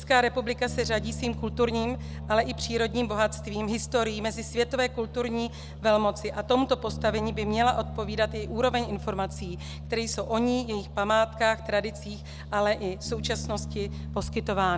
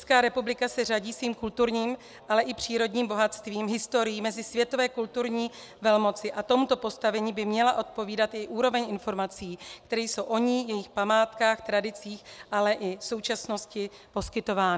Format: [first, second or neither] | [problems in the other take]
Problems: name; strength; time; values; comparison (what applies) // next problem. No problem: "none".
second | background sound (Bass guitar); 10 dB below the speech